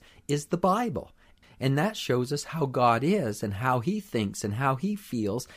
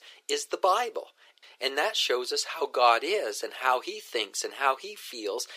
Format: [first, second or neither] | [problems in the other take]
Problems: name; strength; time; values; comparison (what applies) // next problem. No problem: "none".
first | thin; very; fading below 400 Hz